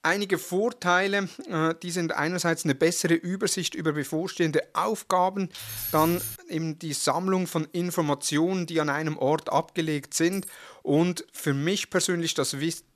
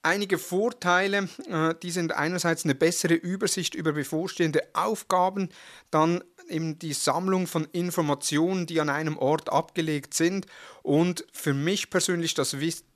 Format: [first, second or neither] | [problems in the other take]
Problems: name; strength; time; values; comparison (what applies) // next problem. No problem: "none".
second | jangling keys; noticeable; at 5.5 s; peak 5 dB below the speech // jangling keys; faint; at 10 s; peak 15 dB below the speech